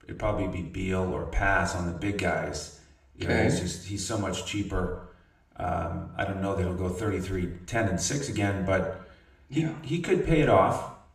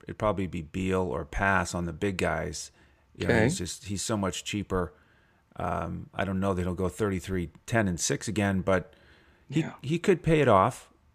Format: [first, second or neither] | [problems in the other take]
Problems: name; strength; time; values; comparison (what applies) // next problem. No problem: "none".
second | room echo; slight; dies away in 0.7 s // off-mic speech; somewhat distant